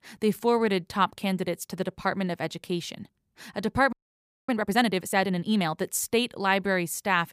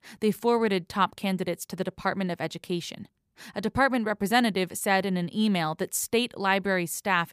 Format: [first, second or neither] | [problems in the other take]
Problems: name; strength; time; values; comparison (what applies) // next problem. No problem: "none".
second | audio freezing; at 4 s for 0.5 s